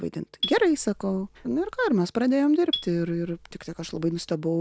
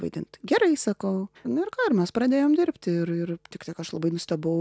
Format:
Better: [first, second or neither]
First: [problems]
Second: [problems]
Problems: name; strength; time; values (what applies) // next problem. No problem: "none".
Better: second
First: background sound (Marimba, xylophone); 13 dB below the speech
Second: none